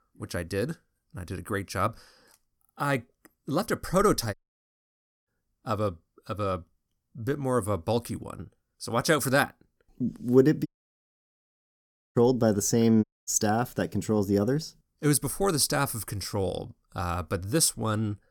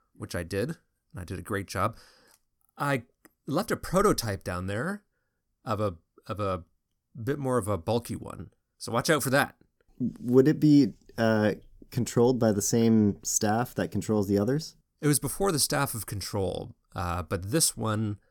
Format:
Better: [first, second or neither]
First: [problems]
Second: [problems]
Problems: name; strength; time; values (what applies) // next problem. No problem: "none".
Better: second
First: audio cutting out; at 4.5 s for 1 s, at 11 s for 1.5 s and at 13 s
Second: none